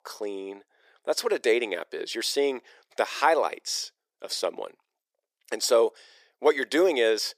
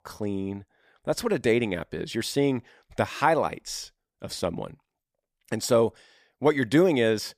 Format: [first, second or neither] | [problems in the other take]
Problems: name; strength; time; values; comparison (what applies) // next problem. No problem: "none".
second | thin; somewhat; fading below 400 Hz